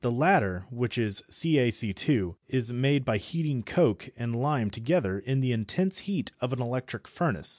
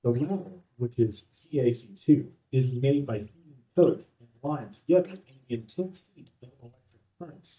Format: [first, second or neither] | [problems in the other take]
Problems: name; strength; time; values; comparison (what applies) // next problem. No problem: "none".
first | noise reduction (neural mask model DeepFilterNet 3)